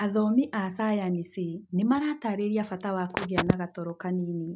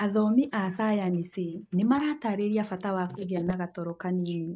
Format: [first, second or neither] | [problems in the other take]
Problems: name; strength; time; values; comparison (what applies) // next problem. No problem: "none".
first | noise reduction (neural mask model Resemble Enhance denoiser)